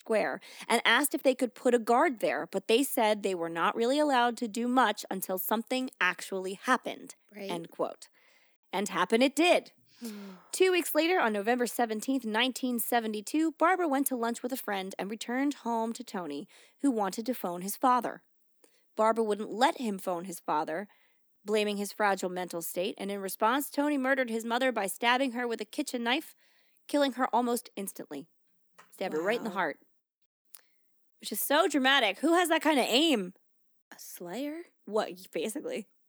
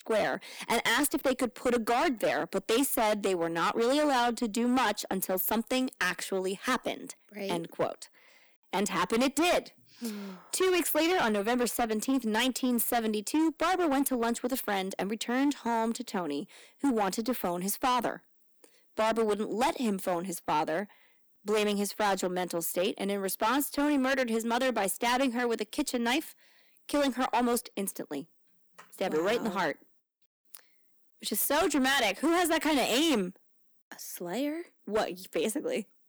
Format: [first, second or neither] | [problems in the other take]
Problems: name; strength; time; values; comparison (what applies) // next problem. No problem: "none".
first | distortion; heavy; 11% of the sound clipped